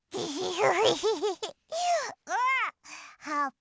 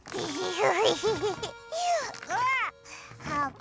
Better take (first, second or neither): first